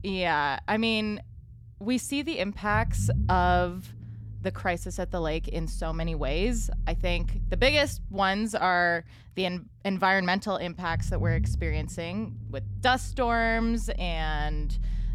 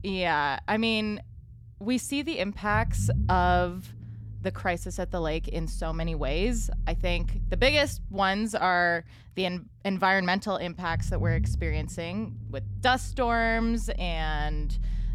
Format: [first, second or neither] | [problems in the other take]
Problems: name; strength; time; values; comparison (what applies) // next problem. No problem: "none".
neither | low rumble; faint; throughout; 20 dB below the speech; the same in both